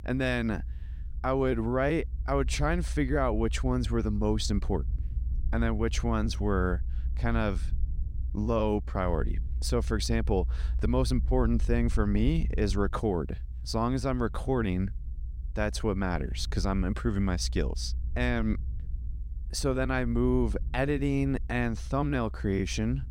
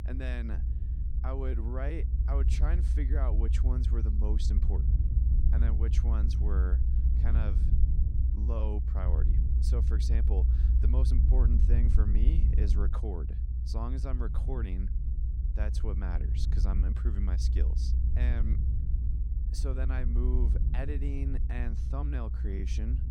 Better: first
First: low rumble; faint; throughout; 25 dB below the speech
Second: low rumble; loud; throughout; 4 dB below the speech

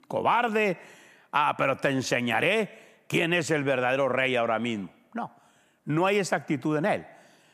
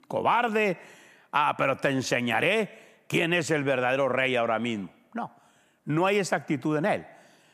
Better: neither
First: none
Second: none

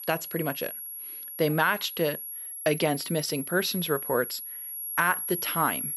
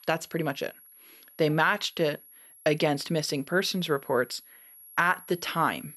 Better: second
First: high-pitched whine; loud; throughout; 11.5 kHz, 6 dB below the speech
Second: high-pitched whine; faint; throughout; 11.5 kHz, 20 dB below the speech

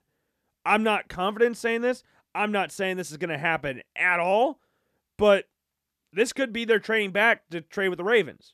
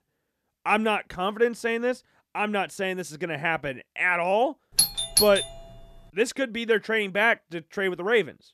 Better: first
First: none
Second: doorbell; loud; at 5 s; peak 4 dB above the speech

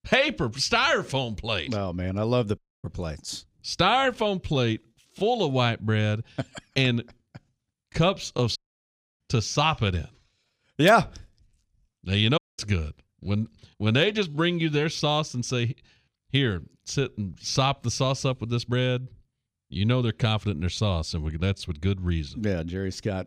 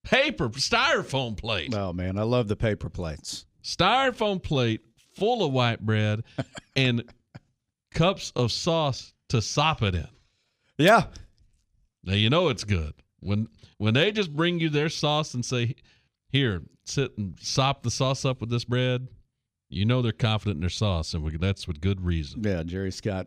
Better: second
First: audio cutting out; at 2.5 s, at 8.5 s for 0.5 s and at 12 s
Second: none

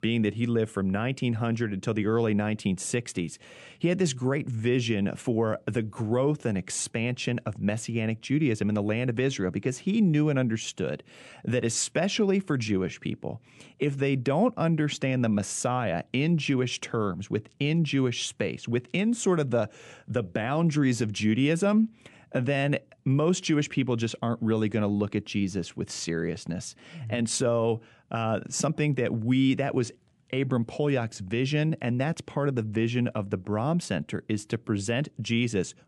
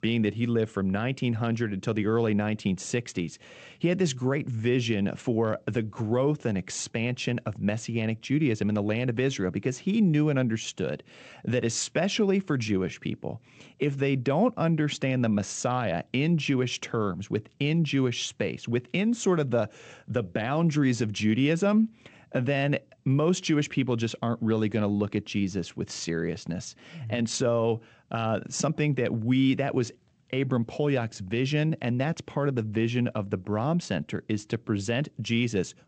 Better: first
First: none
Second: garbled, watery; slightly; nothing above 8 kHz

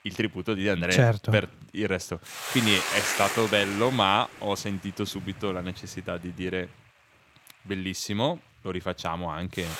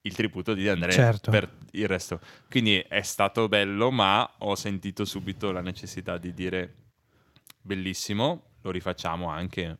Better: second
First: hiss; loud; throughout; 4 dB below the speech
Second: none

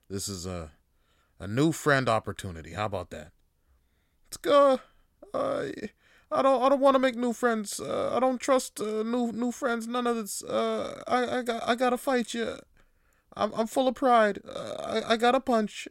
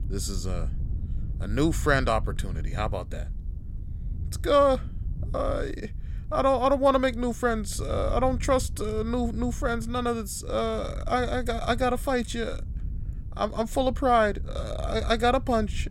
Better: first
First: none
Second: wind noise on the microphone; occasional gusts; 25 dB below the speech

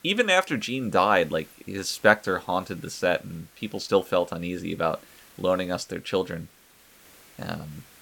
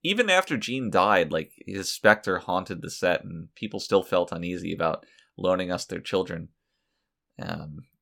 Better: second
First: hiss; faint; throughout; 25 dB below the speech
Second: none

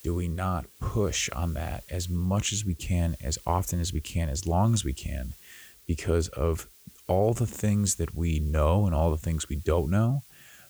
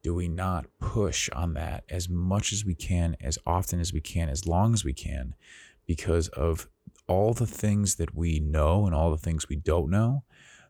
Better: second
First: hiss; faint; throughout; 25 dB below the speech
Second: none

